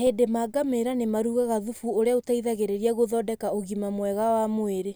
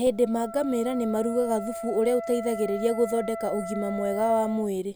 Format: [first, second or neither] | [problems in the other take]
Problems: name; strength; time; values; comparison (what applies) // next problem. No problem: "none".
first | background sound (Wind instrument, woodwind instrument); 10 dB below the speech